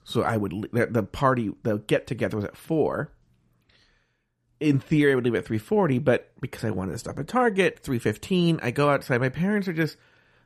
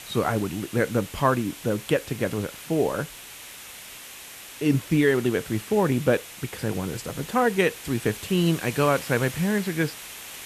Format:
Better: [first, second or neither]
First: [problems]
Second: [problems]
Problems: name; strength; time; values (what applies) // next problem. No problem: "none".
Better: first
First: none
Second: hiss; noticeable; throughout; 15 dB below the speech